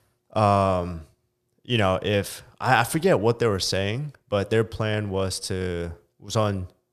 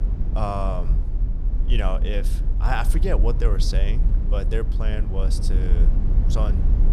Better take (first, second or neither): first